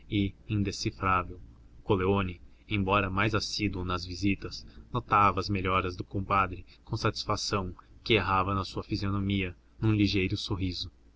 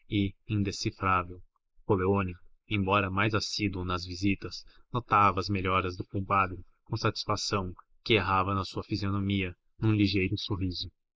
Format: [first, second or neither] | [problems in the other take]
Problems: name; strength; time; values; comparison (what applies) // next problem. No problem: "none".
first | noise reduction (neural mask model Resemble Enhance denoiser)